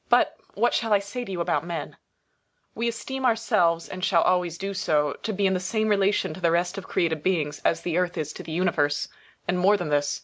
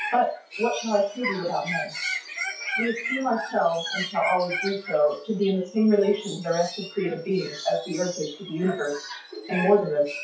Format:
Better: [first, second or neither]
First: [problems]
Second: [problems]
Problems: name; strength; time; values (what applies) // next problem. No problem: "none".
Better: first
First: none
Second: noise reduction (classical method WPE with log-MMSE)